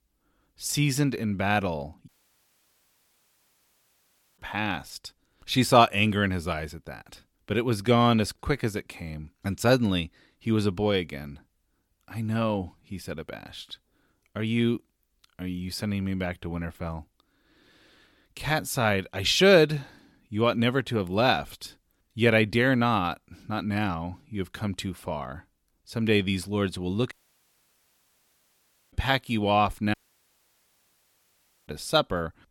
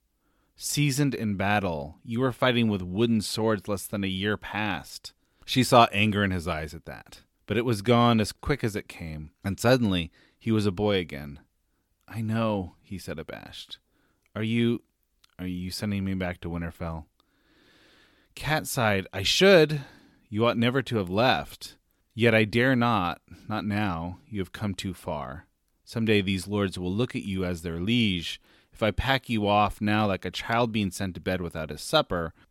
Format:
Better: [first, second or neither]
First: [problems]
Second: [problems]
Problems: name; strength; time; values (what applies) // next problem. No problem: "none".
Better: second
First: audio cutting out; at 2 s for 2.5 s, at 27 s for 2 s and at 30 s for 1.5 s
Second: none